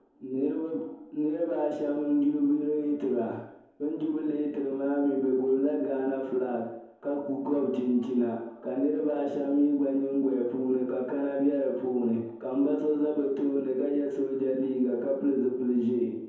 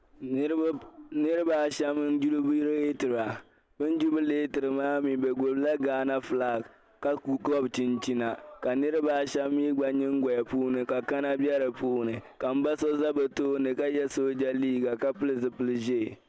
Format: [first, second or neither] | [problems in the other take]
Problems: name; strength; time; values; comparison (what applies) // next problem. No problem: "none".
second | room echo; dies away in 0.9 s